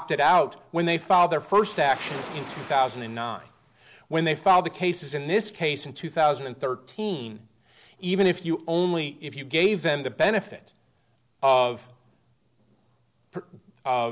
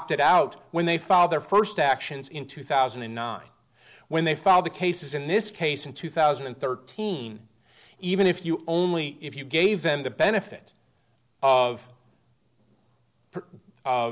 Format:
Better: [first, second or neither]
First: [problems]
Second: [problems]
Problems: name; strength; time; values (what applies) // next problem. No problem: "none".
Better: second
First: background sound (Waves, surf); 16 dB below the speech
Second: none